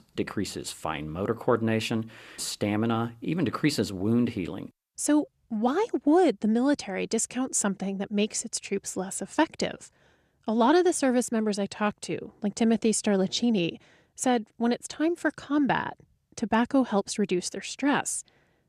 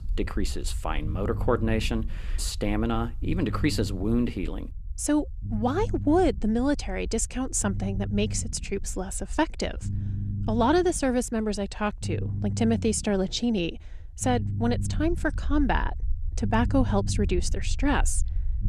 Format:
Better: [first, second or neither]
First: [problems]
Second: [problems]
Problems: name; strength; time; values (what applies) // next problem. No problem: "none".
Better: first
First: none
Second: low rumble; noticeable; throughout; 20 dB below the speech